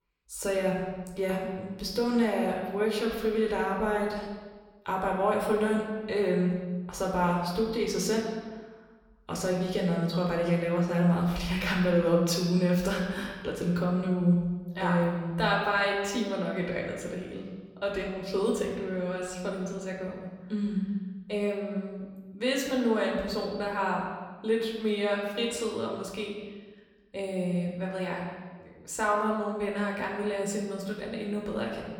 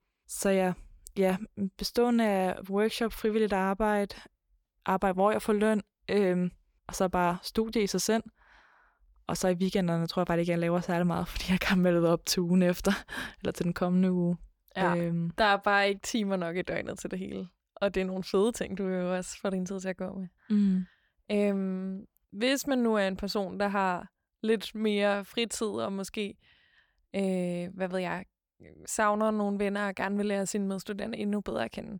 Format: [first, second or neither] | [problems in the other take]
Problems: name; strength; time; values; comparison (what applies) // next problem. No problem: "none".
second | off-mic speech; somewhat distant // room echo; noticeable; dies away in 1.2 s